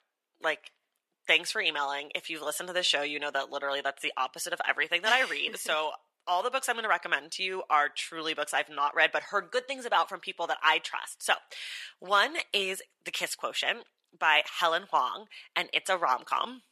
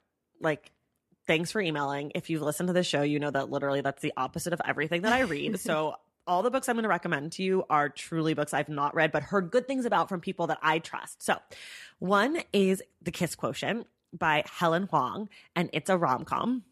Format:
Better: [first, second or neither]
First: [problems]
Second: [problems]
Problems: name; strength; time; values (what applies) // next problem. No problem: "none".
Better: second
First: thin; very; fading below 700 Hz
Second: none